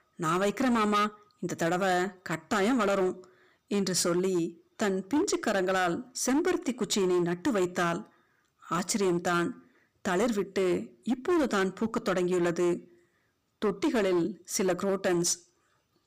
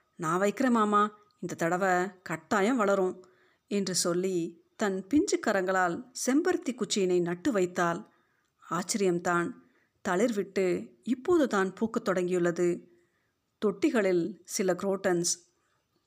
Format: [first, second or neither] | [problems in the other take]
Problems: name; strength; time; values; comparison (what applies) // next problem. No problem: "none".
second | distortion; slight; 13% of the sound clipped